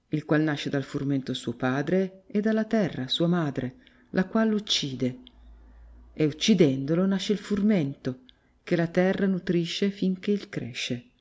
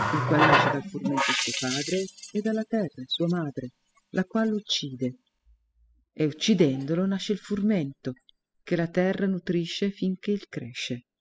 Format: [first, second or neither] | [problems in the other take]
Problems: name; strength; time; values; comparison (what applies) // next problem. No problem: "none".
first | noise reduction (classical method spectral subtraction)